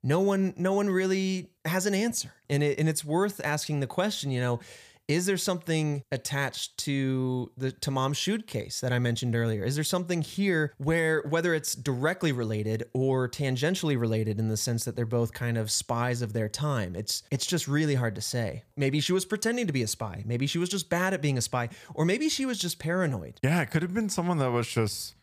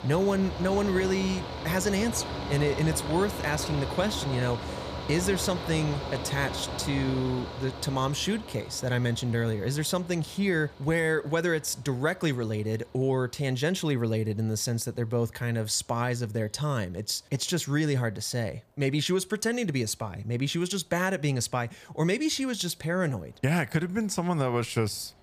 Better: first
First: none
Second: machinery noise; loud; throughout; 8 dB below the speech

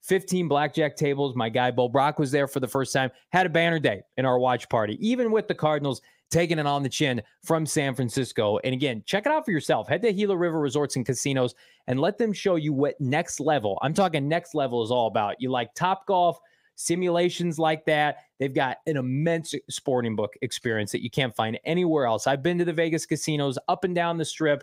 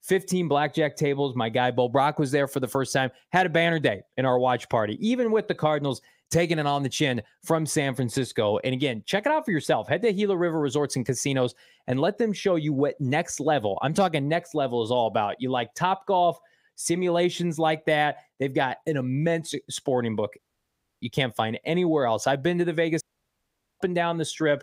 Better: first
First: none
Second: audio cutting out; at 20 s for 0.5 s and at 23 s for 1 s

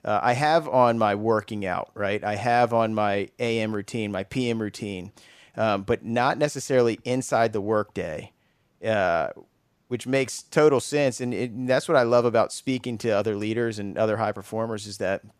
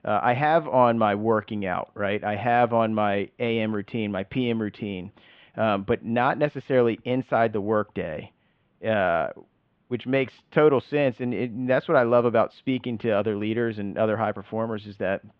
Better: first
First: none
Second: muffled; very; fading above 3.5 kHz

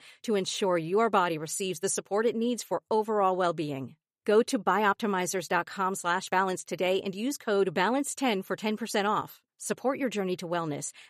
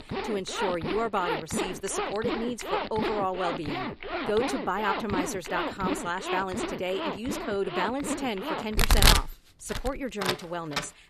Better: first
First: none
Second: household noises; very loud; throughout; 1 dB above the speech

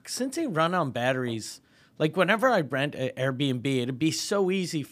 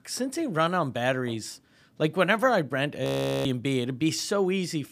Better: first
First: none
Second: audio freezing; at 3 s

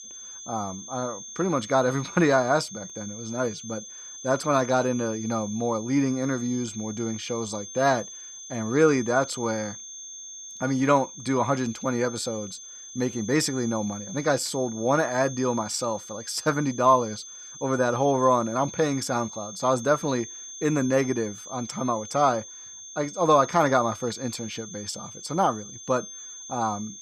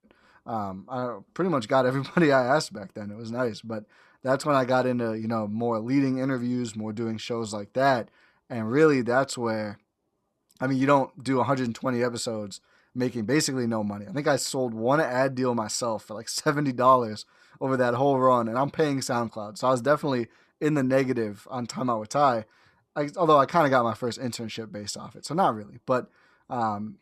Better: second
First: high-pitched whine; noticeable; throughout; 6.5 kHz, 10 dB below the speech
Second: none

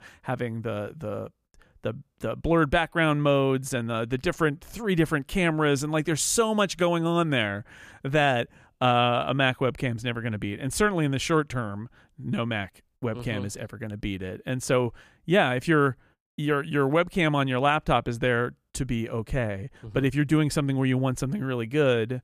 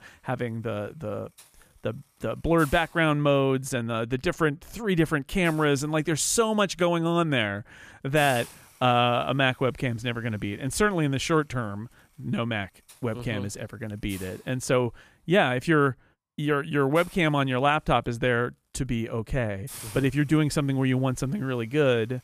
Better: first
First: none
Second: hiss; faint; throughout; 20 dB below the speech

